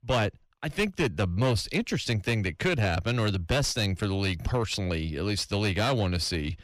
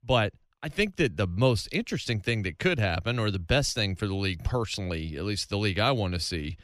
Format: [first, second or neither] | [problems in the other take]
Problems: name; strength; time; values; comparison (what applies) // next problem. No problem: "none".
second | distortion; slight; 10 dB below the speech